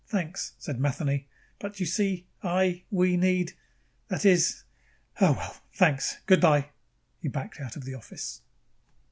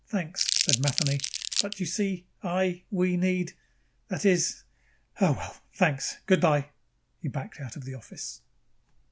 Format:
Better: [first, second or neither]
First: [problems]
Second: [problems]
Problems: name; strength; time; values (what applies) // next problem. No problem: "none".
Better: first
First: none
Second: background sound (Crumpling, crinkling); as loud as the speech